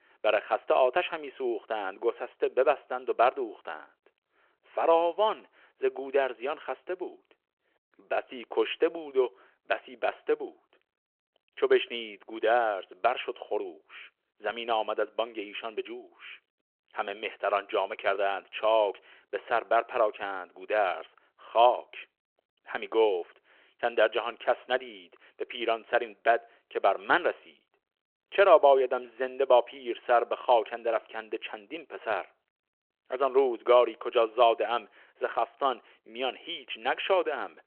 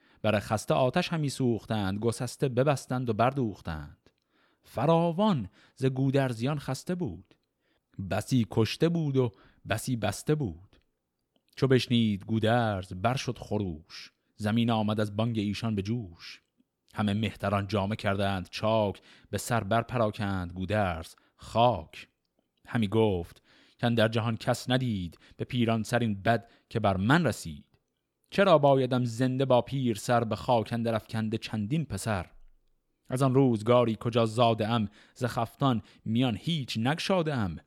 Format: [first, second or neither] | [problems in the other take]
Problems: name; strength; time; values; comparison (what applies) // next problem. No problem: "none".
second | phone-call audio